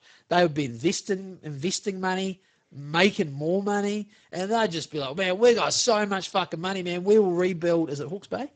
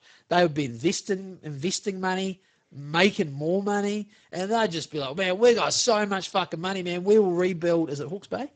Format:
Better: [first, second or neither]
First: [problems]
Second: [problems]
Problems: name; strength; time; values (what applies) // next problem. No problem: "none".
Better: neither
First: garbled, watery; badly; nothing above 7.5 kHz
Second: garbled, watery; badly; nothing above 7.5 kHz